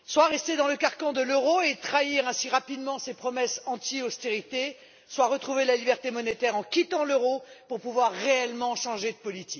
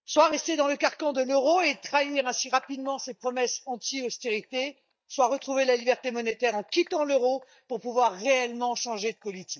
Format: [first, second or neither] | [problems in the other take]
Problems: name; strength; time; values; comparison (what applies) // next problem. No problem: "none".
first | noise reduction (neural mask model DeepFilterNet 3)